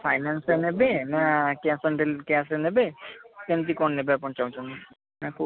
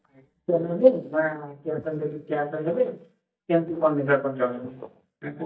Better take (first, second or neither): first